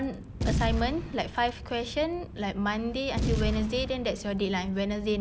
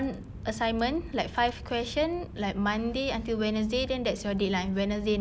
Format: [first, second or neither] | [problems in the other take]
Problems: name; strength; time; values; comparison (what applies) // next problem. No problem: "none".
second | background sound (Boom); 3 dB below the speech